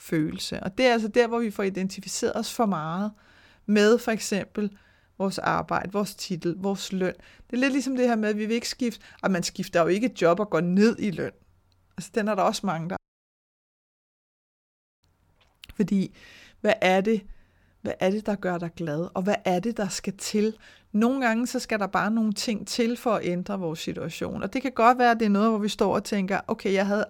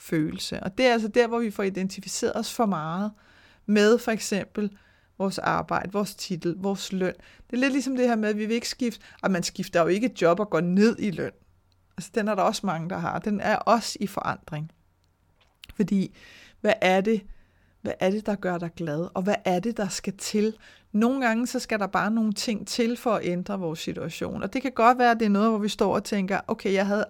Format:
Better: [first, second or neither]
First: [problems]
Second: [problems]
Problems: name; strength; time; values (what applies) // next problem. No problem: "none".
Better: second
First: audio cutting out; at 13 s for 2 s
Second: none